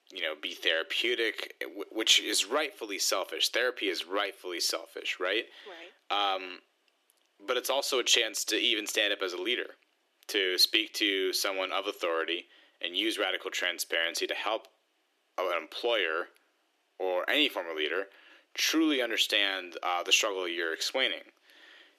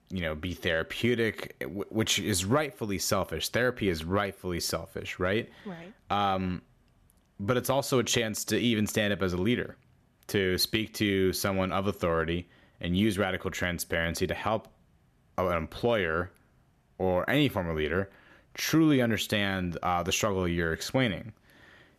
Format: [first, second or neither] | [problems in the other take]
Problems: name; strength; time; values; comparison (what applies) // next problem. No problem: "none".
second | thin; very; fading below 300 Hz